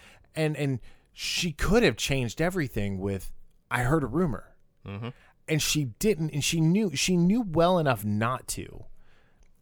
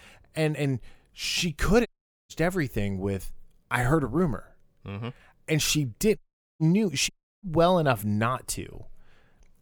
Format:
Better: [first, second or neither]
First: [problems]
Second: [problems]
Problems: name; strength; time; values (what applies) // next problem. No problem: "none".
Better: first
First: none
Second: audio cutting out; at 2 s, at 6 s and at 7 s